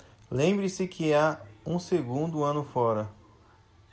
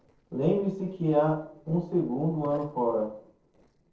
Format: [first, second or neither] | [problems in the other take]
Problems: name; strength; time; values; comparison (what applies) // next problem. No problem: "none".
first | noise reduction (neural separator model SepFormer DNS4)